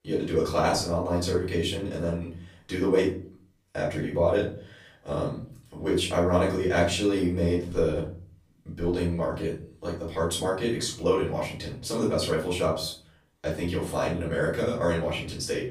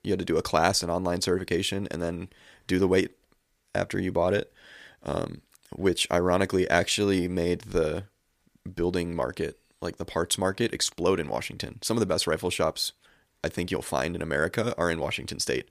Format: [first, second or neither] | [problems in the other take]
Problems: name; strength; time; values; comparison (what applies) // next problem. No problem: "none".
second | off-mic speech; far // room echo; noticeable; dies away in 0.5 s